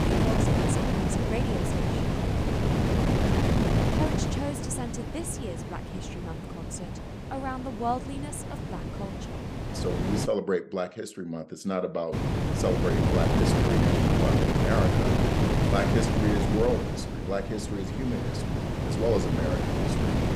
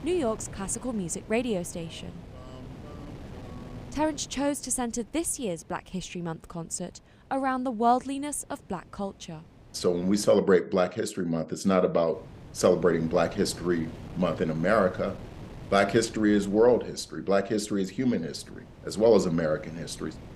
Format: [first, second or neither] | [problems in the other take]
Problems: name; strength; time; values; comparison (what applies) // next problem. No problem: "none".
second | wind noise on the microphone; heavy; until 10 s and from 12 s on; 2 dB above the speech; occasional gusts in the second